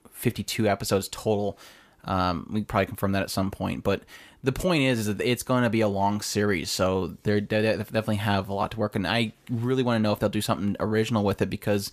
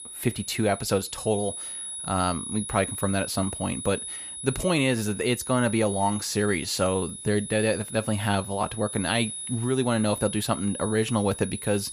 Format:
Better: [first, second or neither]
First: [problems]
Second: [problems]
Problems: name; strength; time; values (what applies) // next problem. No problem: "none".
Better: first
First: none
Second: high-pitched whine; loud; throughout; 10.5 kHz, 8 dB below the speech